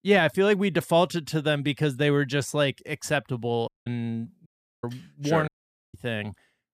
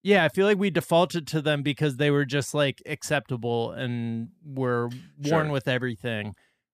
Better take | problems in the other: second | audio cutting out; at 3.5 s, at 4.5 s and at 5.5 s

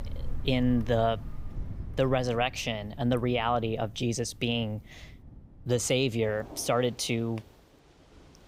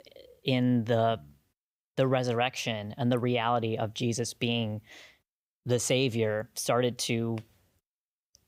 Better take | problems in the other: second | rain or running water; noticeable; throughout; 15 dB below the speech

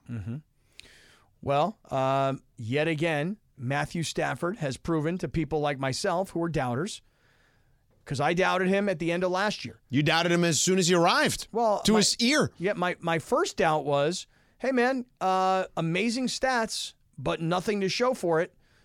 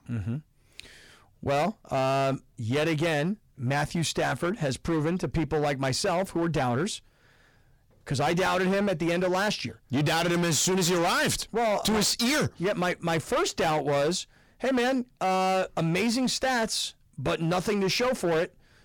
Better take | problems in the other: first | distortion; heavy; 19% of the sound clipped

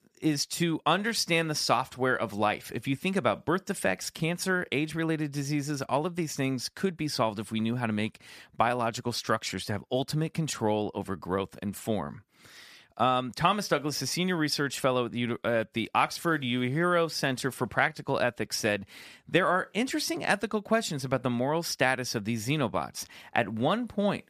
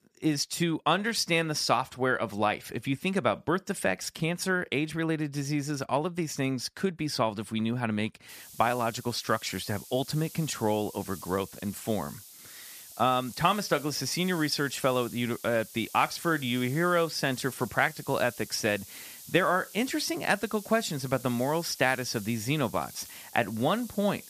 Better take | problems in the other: first | hiss; noticeable; from 8.5 s on; 15 dB below the speech

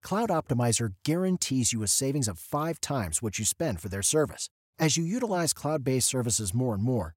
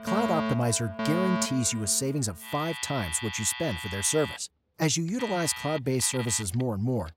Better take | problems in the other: first | alarms or sirens; loud; throughout; 7 dB below the speech

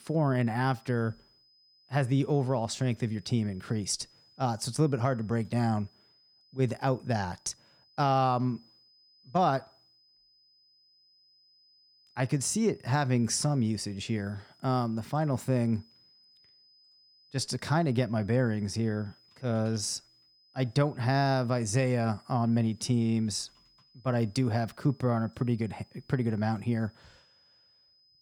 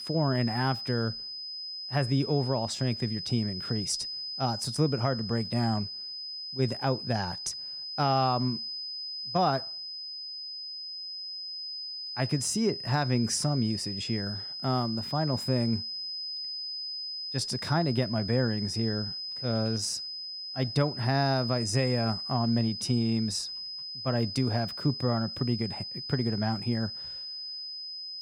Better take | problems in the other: first | high-pitched whine; loud; throughout; 5 kHz, 5 dB below the speech; faint in the first

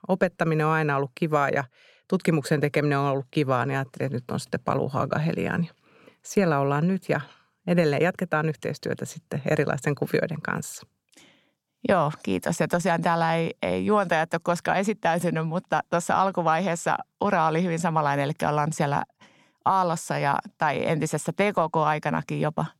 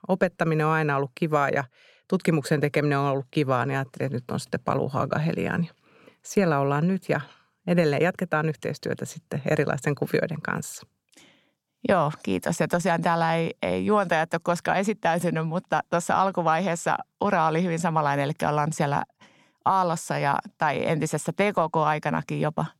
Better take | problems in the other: neither | none

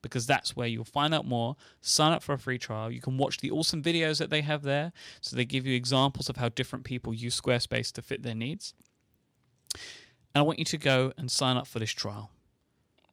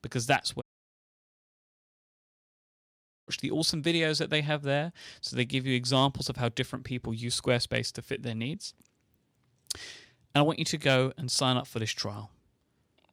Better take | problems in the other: first | audio cutting out; at 0.5 s for 2.5 s

